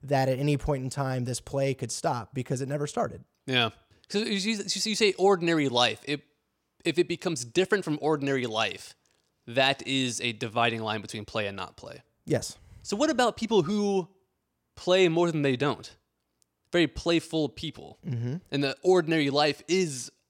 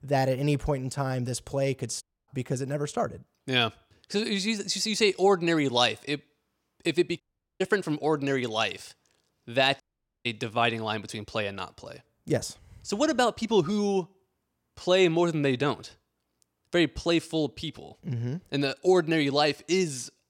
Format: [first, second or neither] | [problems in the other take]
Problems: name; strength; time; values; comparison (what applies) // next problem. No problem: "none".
first | audio cutting out; at 2 s, at 7 s and at 10 s